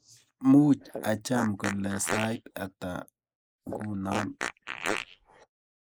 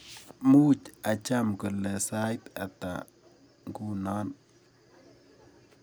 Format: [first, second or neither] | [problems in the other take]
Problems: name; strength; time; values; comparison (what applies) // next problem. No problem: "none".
second | noise reduction (neural mask model Resemble Enhance denoiser)